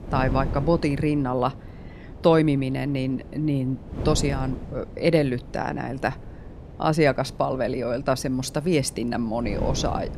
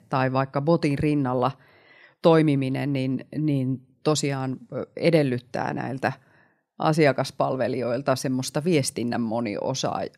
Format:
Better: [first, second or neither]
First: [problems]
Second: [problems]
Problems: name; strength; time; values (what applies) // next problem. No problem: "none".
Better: second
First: wind noise on the microphone; occasional gusts; 15 dB below the speech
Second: none